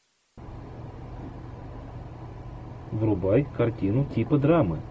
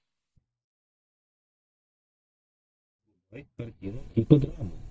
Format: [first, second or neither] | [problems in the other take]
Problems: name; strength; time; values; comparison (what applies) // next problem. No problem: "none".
first | noise reduction (neural mask model DeepFilterNet 3)